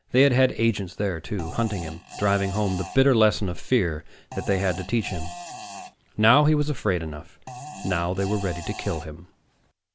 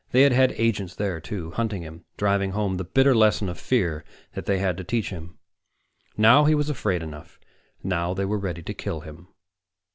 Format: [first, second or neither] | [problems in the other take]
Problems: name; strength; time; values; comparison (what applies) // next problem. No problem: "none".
second | background sound (Fart); 15 dB below the speech